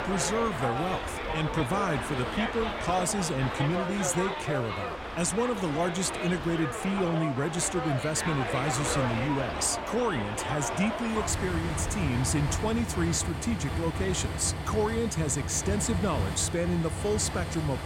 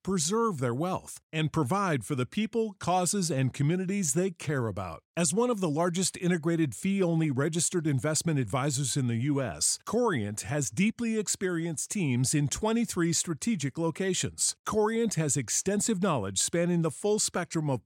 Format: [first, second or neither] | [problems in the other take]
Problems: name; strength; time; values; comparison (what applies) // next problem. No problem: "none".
second | train or aircraft noise; loud; throughout; 3 dB below the speech